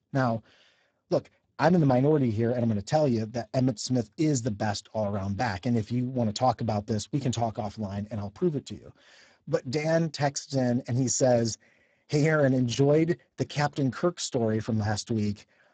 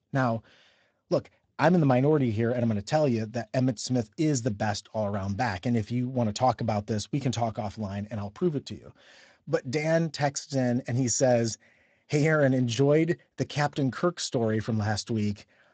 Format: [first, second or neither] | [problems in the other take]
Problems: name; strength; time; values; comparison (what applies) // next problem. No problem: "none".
second | garbled, watery; badly; nothing above 7.5 kHz; slightly in the second